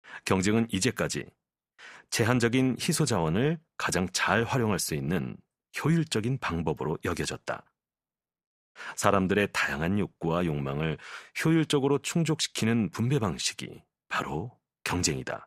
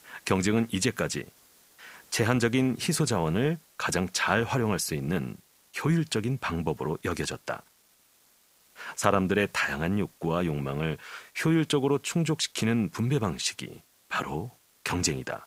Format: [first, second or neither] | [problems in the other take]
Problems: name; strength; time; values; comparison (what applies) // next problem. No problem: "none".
first | hiss; faint; throughout; 30 dB below the speech